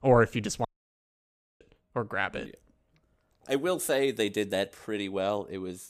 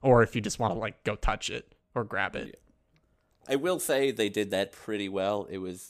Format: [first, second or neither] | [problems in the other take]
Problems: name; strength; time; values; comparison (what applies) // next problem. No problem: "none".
second | audio cutting out; at 0.5 s for 1 s